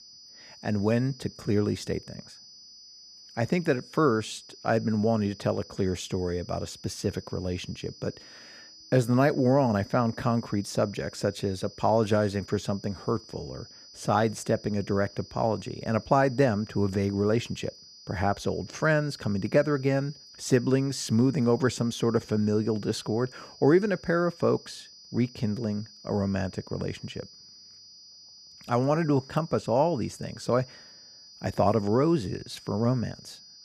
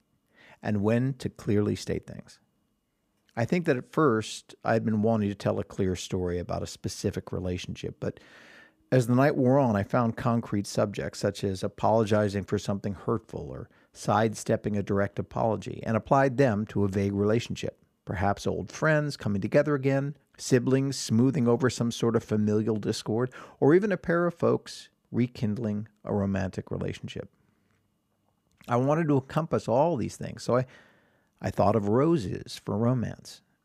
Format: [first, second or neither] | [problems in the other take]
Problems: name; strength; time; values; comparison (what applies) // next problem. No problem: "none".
second | high-pitched whine; noticeable; throughout; 5 kHz, 20 dB below the speech